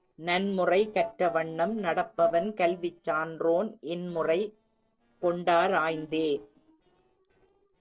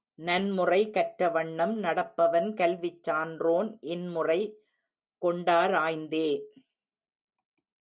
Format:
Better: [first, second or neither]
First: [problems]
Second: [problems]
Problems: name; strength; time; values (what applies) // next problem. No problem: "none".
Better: second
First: noise reduction (neural separator model SepFormer DNS4)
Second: none